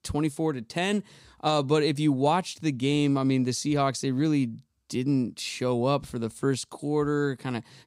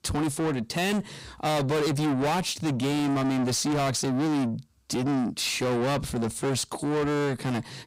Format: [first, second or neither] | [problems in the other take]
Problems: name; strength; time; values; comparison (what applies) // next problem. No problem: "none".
first | distortion; heavy; 6 dB below the speech